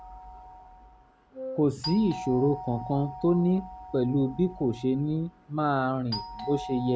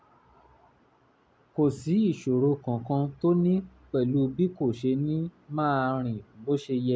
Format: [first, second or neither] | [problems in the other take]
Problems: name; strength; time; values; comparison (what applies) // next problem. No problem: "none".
second | background sound (Doorbell + Wind instrument, woodwind instrument); 13 dB below the speech